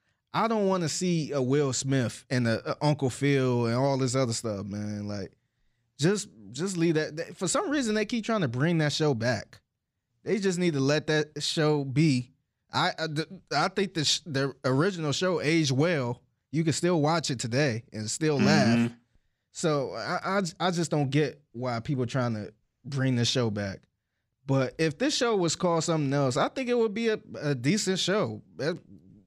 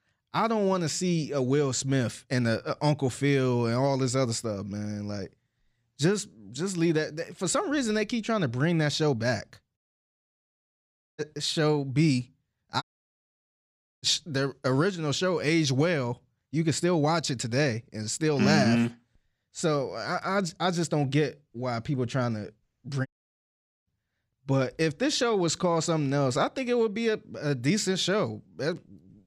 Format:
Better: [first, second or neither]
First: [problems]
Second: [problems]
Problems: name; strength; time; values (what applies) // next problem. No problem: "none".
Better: first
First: none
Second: audio cutting out; at 10 s for 1.5 s, at 13 s for 1 s and at 23 s for 1 s